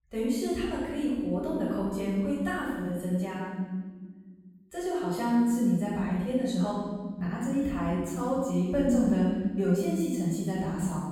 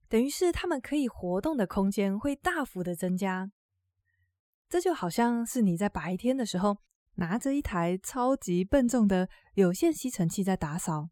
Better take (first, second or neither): second